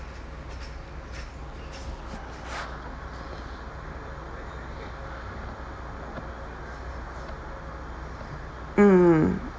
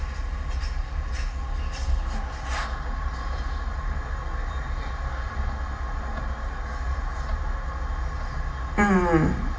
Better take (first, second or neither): first